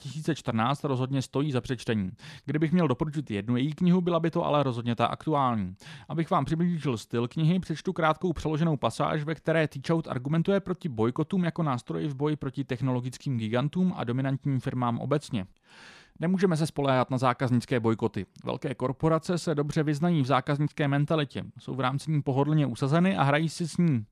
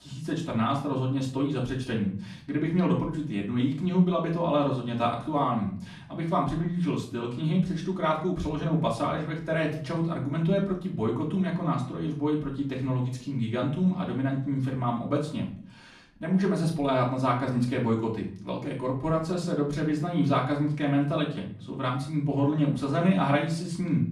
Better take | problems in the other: first | off-mic speech; far // room echo; slight; dies away in 0.5 s

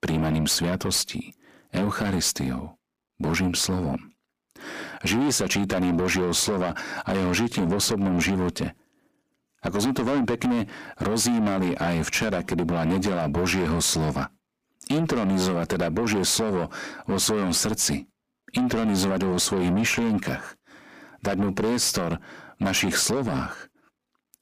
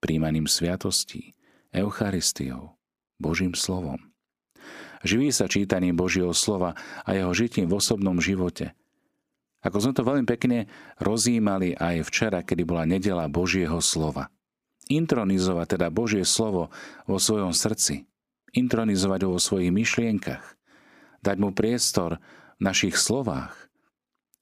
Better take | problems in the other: second | distortion; heavy; 6 dB below the speech

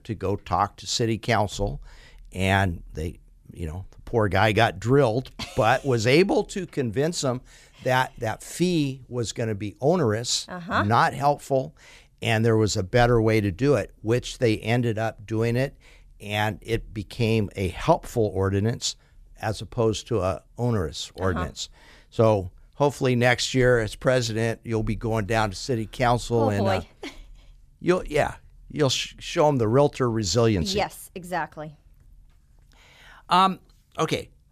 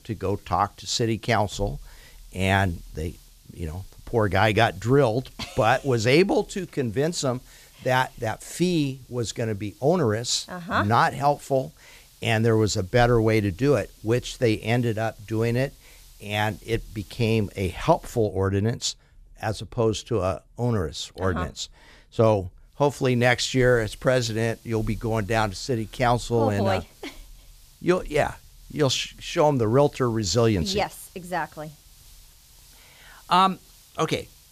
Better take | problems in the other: first | hiss; faint; until 18 s and from 23 s on; 30 dB below the speech

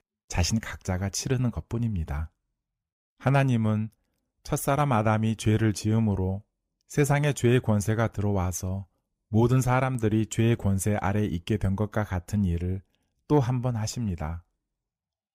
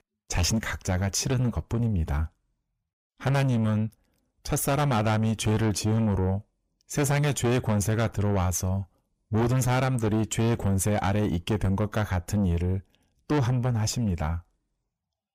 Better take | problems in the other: first | distortion; heavy; 7 dB below the speech

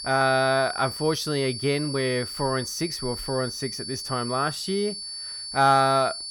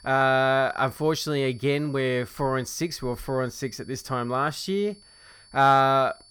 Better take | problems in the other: second | high-pitched whine; loud; throughout; 4.5 kHz, 8 dB below the speech; faint in the second

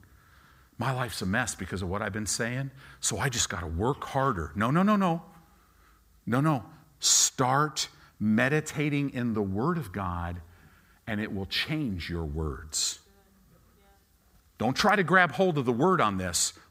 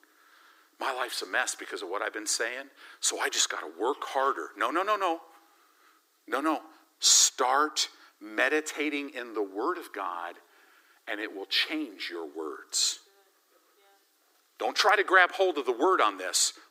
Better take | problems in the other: first | thin; very; fading below 300 Hz

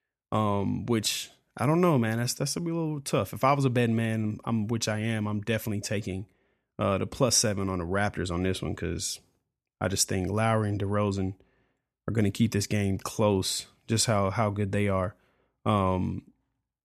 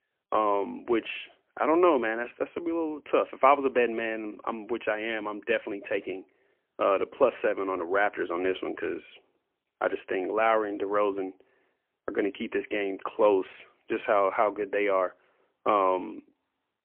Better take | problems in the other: first | phone-call audio; poor line; nothing above 3 kHz

